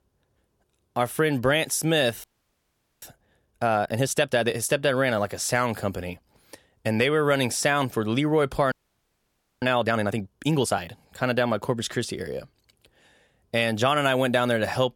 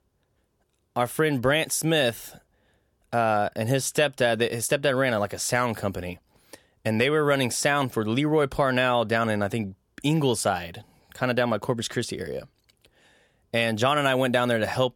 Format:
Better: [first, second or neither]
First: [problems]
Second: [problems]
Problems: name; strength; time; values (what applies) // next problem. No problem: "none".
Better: second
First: audio freezing; at 2 s for 1 s and at 8.5 s for 1 s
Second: none